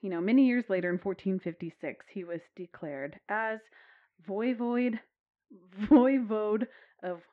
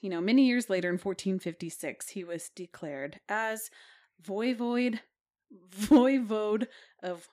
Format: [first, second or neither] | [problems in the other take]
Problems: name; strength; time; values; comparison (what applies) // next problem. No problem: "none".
second | muffled; very; fading above 2.5 kHz